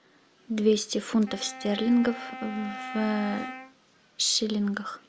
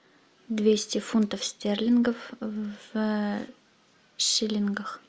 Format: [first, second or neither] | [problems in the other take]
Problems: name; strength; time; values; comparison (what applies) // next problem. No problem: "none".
second | background sound (Wind instrument, woodwind instrument); 13 dB below the speech